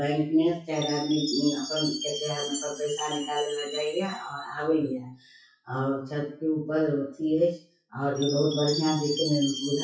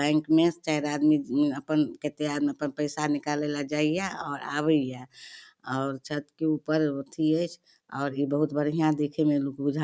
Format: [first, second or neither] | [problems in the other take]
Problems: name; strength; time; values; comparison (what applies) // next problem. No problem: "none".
second | noise reduction (classical method WPE with log-MMSE)